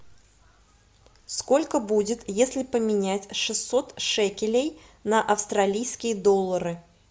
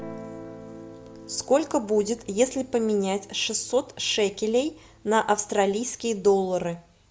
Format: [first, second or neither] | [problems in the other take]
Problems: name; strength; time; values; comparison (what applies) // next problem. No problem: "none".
first | background sound (Guitar); 20 dB below the speech